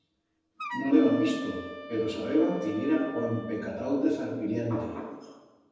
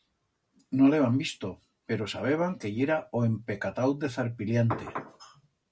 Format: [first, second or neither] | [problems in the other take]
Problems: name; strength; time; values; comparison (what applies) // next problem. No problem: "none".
second | background sound (Wind instrument, woodwind instrument); 13 dB below the speech // room echo; dies away in 1.1 s